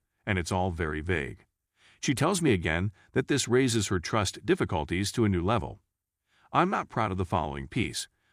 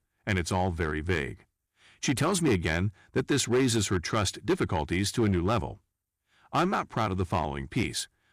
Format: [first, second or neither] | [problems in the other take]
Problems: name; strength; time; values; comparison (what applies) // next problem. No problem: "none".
first | distortion; slight; 5% of the sound clipped